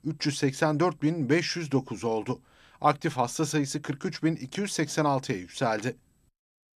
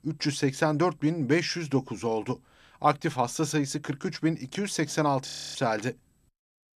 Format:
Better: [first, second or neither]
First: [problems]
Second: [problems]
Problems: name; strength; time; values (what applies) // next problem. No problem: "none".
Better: first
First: none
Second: audio freezing; at 5.5 s